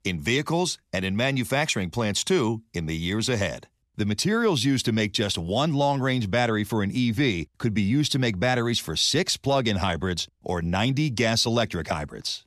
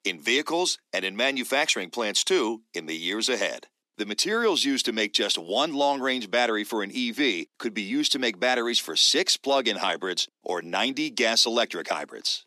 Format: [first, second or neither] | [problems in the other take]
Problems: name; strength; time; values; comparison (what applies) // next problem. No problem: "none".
first | thin; somewhat; fading below 250 Hz